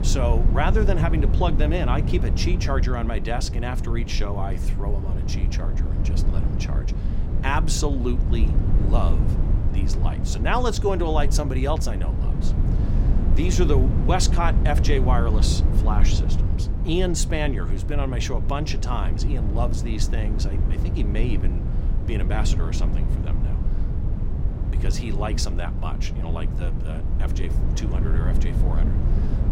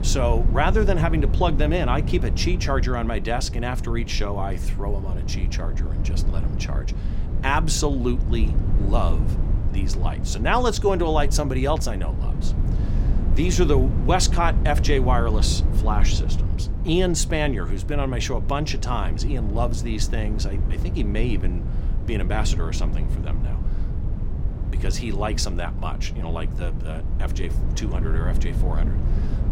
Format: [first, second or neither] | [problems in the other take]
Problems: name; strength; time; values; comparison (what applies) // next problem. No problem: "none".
second | wind noise on the microphone; heavy; 8 dB below the speech; occasional gusts in the second